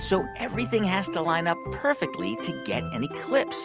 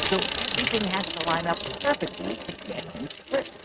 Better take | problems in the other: first | noise reduction (neural mask model RNNoise)

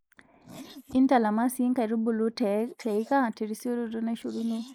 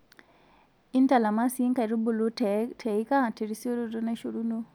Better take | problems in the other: second | noise reduction (neural mask model Resemble Enhance denoiser)

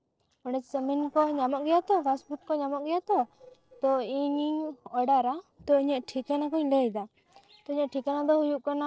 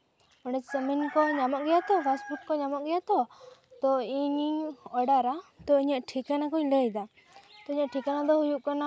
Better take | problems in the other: second | noise reduction (neural separator model SepFormer DNS4)

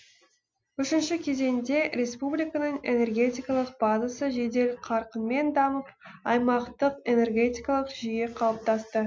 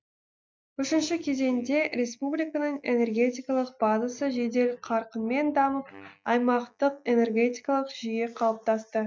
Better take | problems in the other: first | noise reduction (neural mask model DeepFilterNet 3)

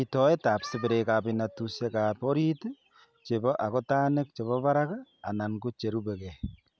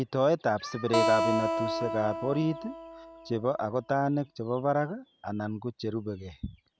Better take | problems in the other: first | background sound (Acoustic guitar); 2 dB below the speech

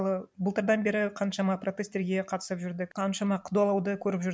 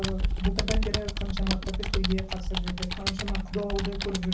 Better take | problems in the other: first | background sound (Computer keyboard); 3 dB above the speech // room echo; dies away in 0.5 s

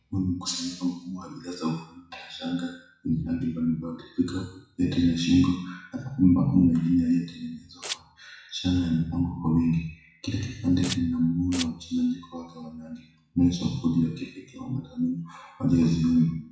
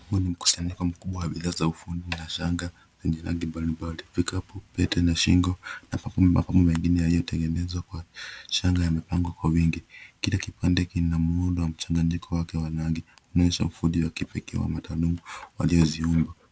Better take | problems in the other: second | noise reduction (classical method WPE with log-MMSE)

